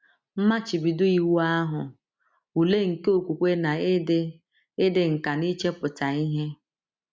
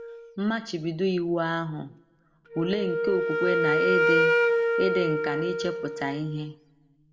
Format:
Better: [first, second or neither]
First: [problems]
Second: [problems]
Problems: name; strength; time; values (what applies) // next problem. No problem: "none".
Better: first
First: none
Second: background sound (Wind instrument, woodwind instrument); 2 dB above the speech // room echo; dies away in 0.4 s